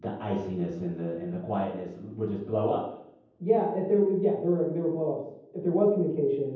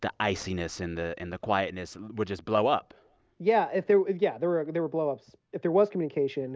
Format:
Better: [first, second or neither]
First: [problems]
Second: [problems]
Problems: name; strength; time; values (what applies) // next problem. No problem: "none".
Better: second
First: room echo; dies away in 0.9 s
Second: none